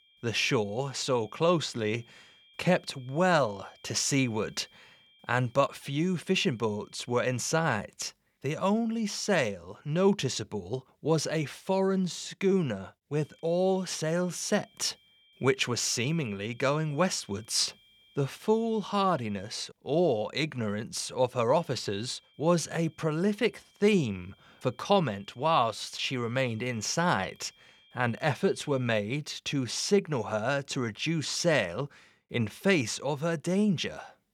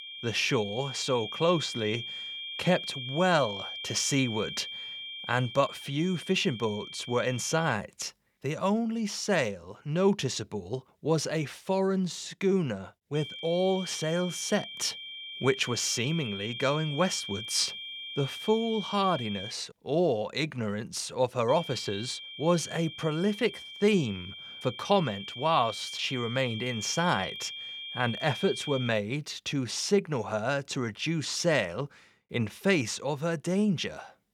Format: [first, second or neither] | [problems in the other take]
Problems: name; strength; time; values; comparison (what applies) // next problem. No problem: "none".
first | high-pitched whine; loud; until 7.5 s, from 13 to 20 s and from 21 to 29 s; 3 kHz, 8 dB below the speech; faint in the first